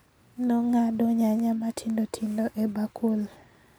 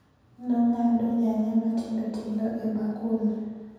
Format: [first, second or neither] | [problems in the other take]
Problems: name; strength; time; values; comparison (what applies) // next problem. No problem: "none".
first | room echo; dies away in 1.2 s